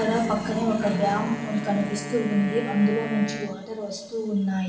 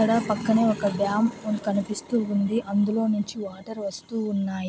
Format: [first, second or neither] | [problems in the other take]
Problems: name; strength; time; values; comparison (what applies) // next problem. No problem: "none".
second | background sound (Wind instrument, woodwind instrument); 12 dB below the speech // room echo; dies away in 1.1 s